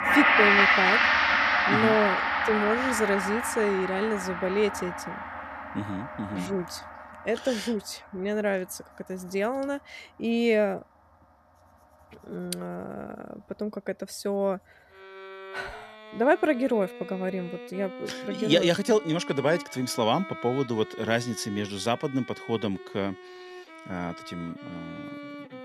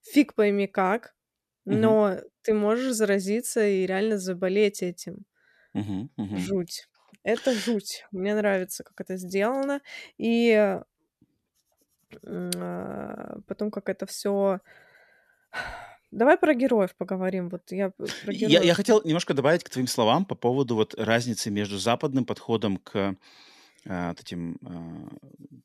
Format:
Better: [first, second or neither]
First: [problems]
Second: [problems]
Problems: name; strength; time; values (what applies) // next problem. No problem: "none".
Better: second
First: background music; very loud; throughout; 3 dB above the speech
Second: none